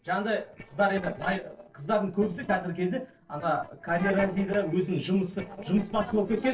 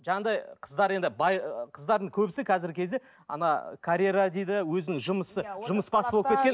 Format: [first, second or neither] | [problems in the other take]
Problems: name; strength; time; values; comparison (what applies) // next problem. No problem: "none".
second | noise reduction (neural separator model SepFormer DNS4)